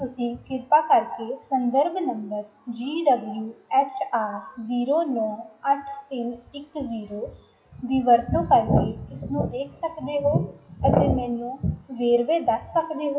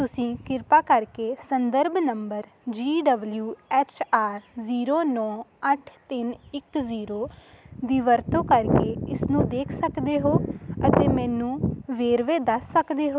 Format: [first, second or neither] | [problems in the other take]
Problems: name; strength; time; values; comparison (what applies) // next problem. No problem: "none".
second | noise reduction (classical method WPE with log-MMSE)